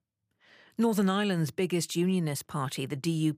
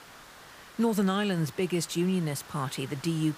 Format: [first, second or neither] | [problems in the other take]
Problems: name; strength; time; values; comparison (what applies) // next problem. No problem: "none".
first | hiss; noticeable; throughout; 20 dB below the speech